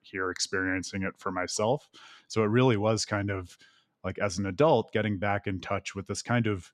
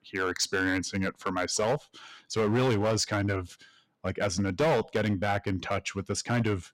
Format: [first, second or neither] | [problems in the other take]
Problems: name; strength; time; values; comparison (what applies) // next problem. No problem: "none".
first | distortion; heavy; 8% of the sound clipped